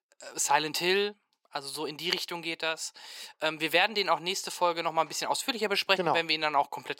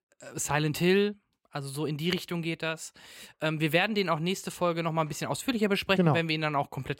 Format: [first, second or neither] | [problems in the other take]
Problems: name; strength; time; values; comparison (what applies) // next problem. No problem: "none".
second | thin; very; fading below 400 Hz